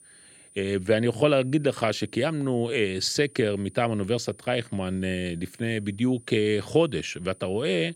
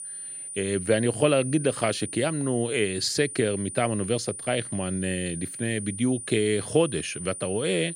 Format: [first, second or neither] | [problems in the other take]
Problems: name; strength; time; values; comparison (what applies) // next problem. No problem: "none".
first | high-pitched whine; loud; throughout; 9.5 kHz, 9 dB below the speech; faint in the first